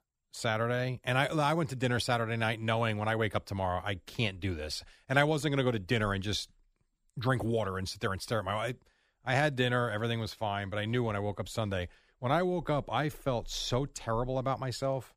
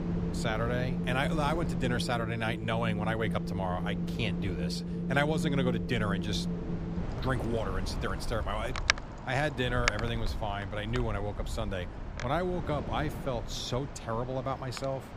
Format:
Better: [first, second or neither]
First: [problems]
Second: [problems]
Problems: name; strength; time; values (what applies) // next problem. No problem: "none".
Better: first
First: none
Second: wind in the background; loud; throughout; 2 dB below the speech